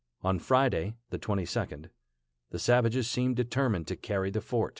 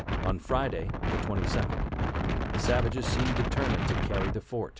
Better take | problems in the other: first | background sound (Wind); 3 dB above the speech

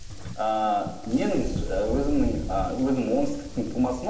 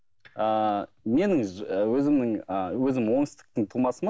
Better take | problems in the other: second | background sound (Wind); 8 dB below the speech // room echo; dies away in 0.8 s

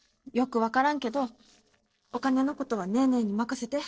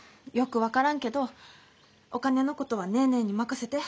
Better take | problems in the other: second | noise reduction (neural separator model SepFormer DNS4)

